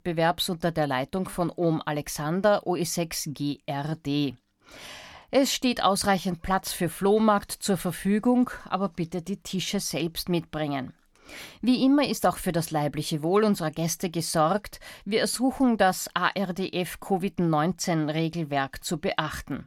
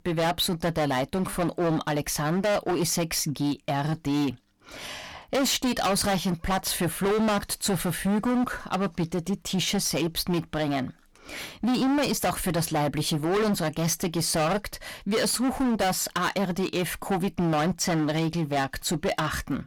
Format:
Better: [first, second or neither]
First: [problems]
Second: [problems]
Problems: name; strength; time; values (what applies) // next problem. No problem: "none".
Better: first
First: none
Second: distortion; heavy; 19% of the sound clipped